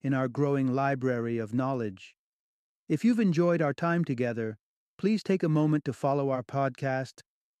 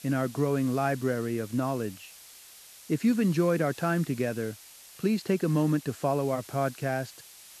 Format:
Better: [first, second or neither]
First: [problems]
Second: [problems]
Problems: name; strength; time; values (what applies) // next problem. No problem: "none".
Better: first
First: none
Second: hiss; noticeable; throughout; 20 dB below the speech